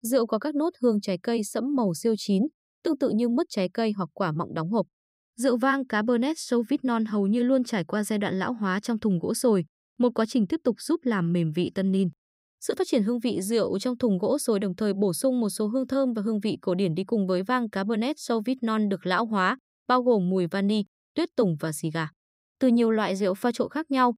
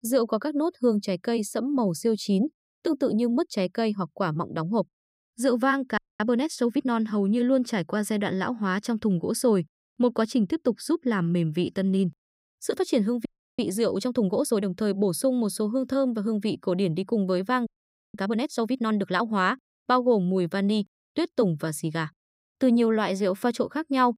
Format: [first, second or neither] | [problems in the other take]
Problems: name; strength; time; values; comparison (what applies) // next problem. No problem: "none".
first | audio freezing; at 6 s, at 13 s and at 18 s